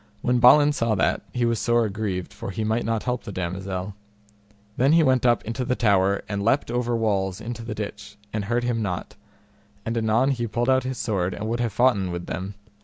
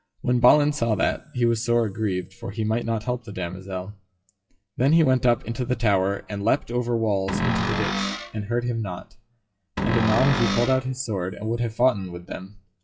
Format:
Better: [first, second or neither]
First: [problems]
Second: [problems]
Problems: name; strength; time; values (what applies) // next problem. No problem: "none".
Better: first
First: none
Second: noise reduction (classical method WPE with log-MMSE)